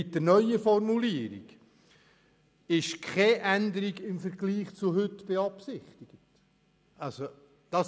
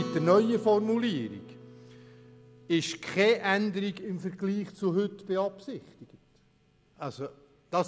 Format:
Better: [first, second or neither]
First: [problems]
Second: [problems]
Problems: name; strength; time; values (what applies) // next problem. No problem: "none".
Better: first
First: none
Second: background sound (Acoustic guitar); 17 dB below the speech